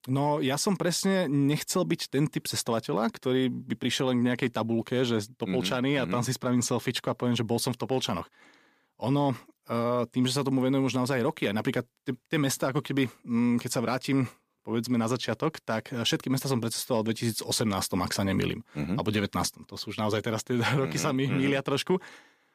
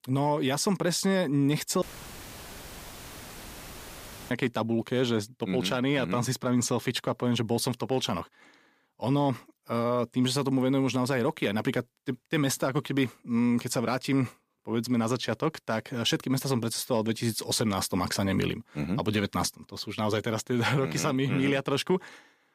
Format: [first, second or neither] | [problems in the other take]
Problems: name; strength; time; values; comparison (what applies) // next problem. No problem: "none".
first | audio cutting out; filled with static; at 2 s for 2.5 s